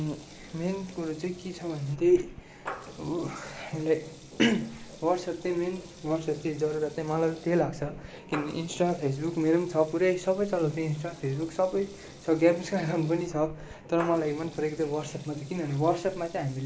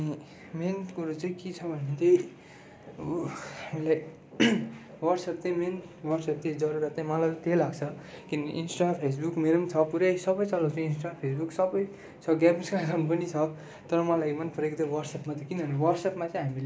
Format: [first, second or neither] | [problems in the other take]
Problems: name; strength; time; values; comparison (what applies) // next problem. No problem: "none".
second | background sound (Water tap, faucet / Liquid); 18 dB below the speech